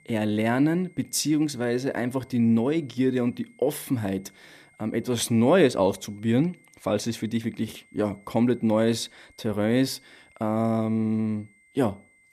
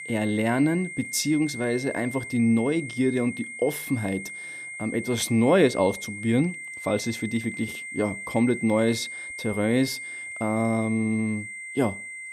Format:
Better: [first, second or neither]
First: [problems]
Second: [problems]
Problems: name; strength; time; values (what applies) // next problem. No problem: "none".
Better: first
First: high-pitched whine; faint; throughout; 2 kHz, 30 dB below the speech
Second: high-pitched whine; loud; throughout; 2 kHz, 9 dB below the speech